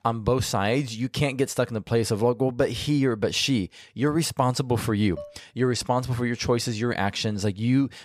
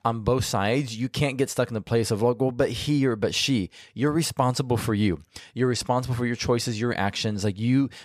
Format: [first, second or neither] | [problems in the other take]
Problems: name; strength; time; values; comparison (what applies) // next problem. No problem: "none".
second | clattering dishes; faint; at 5 s; peak 15 dB below the speech